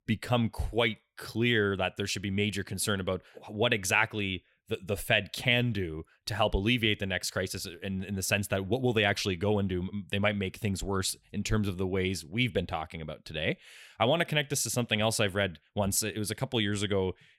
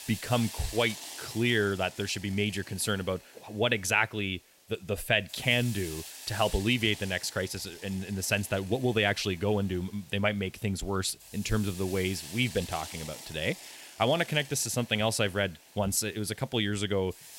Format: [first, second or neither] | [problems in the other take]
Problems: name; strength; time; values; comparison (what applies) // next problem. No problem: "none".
first | hiss; noticeable; throughout; 15 dB below the speech